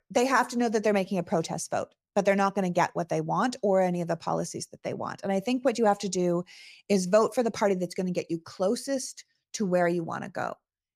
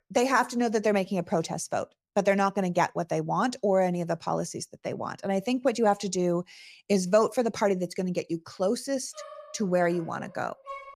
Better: first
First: none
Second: dog barking; faint; from 9 s on; peak 15 dB below the speech

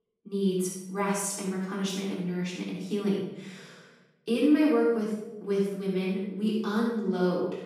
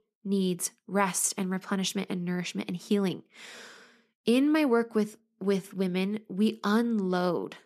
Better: second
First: off-mic speech; far // room echo; strong; dies away in 0.9 s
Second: none

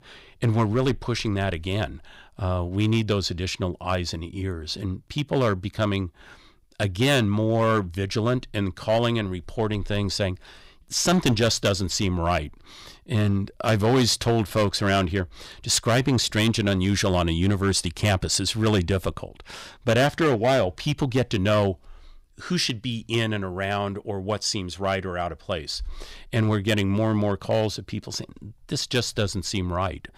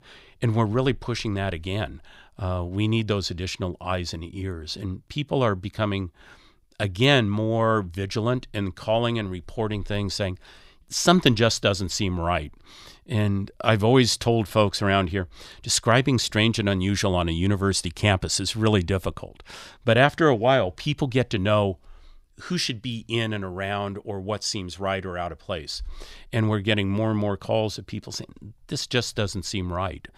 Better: second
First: distortion; slight; 4% of the sound clipped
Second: none

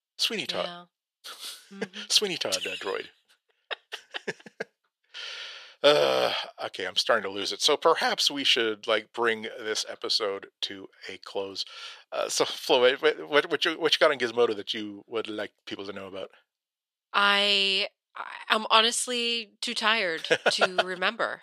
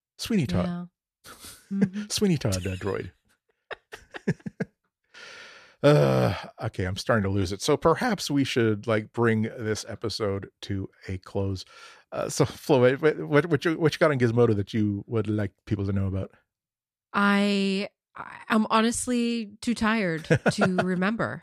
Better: second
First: thin; very; fading below 550 Hz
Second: none

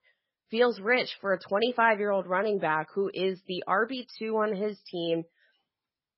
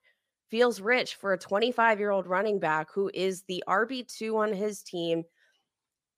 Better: second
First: garbled, watery; badly; nothing above 5.5 kHz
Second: none

